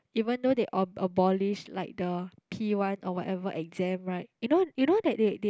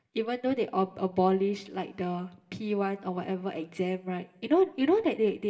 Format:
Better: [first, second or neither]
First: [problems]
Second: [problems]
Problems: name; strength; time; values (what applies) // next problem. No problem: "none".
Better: first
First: none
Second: room echo; dies away in 0.9 s